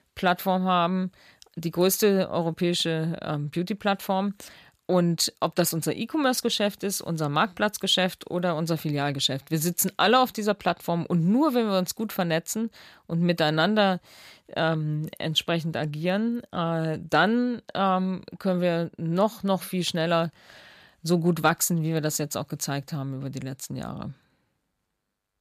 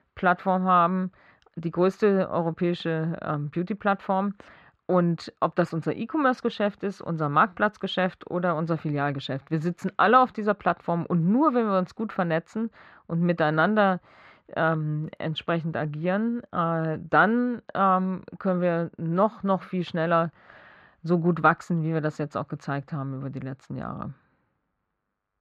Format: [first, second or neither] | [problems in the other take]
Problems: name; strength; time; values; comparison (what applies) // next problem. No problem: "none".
first | muffled; very; fading above 1.5 kHz